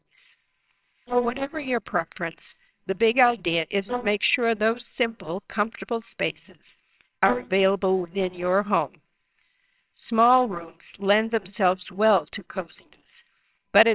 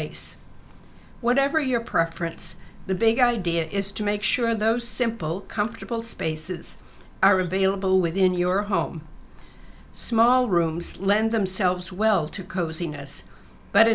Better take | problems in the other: second | noise reduction (neural separator model SepFormer WHAMR!)

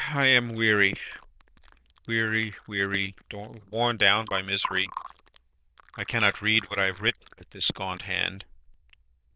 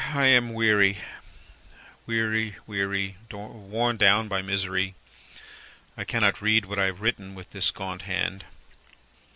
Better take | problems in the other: second | noise reduction (neural diffusion model UNIVERSE++)

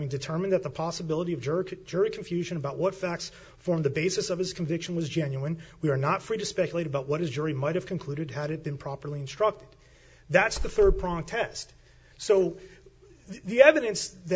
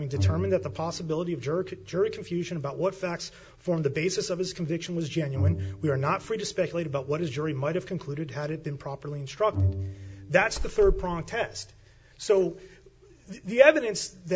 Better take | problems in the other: first | background sound (Bowed string instrument); 6 dB below the speech

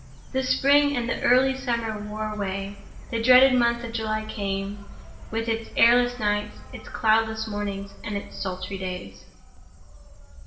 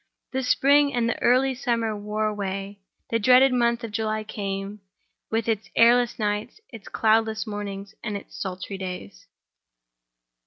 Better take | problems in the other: second | background sound (Insect); 14 dB below the speech // room echo; dies away in 0.7 s

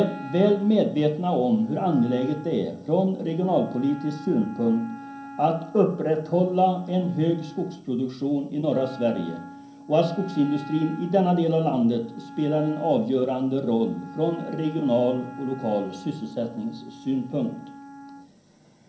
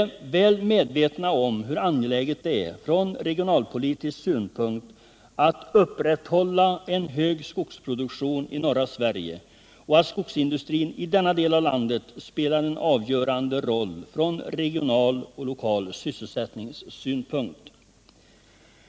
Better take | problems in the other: second | background sound (Wind instrument, woodwind instrument); 17 dB below the speech // room echo; dies away in 0.6 s

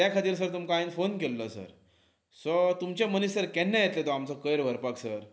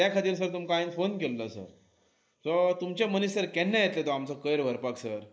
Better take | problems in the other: first | noise reduction (neural mask model Resemble Enhance denoiser)

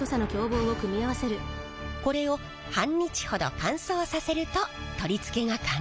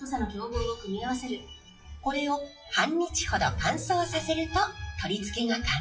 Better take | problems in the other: first | noise reduction (classical method WPE with log-MMSE)

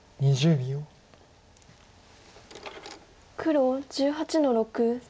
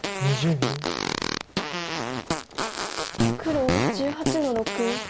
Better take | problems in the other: first | background sound (Fart); 1 dB above the speech

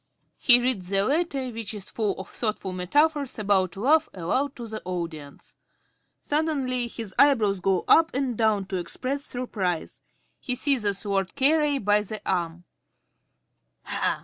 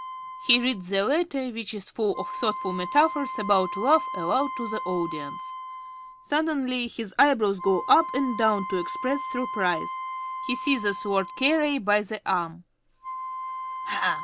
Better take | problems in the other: first | background sound (Wind instrument, woodwind instrument); 9 dB below the speech

